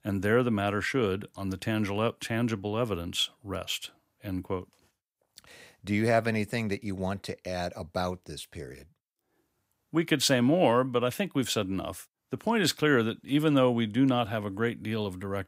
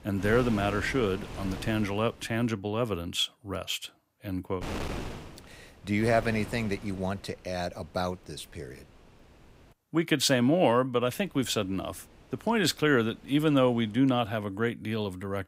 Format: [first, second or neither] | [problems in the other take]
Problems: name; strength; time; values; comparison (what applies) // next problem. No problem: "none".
first | wind noise on the microphone; occasional gusts; until 2.5 s, from 4.5 to 9.5 s and from 11 to 14 s; 15 dB below the speech